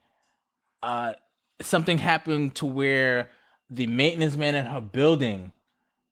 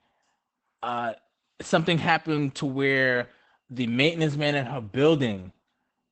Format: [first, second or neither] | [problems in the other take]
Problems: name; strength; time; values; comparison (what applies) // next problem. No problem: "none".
first | garbled, watery; badly; nothing above 8 kHz; slightly in the first